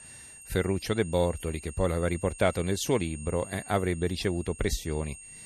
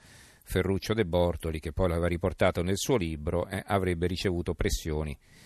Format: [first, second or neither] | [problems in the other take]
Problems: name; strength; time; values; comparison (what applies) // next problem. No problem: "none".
second | high-pitched whine; noticeable; throughout; 8.5 kHz, 15 dB below the speech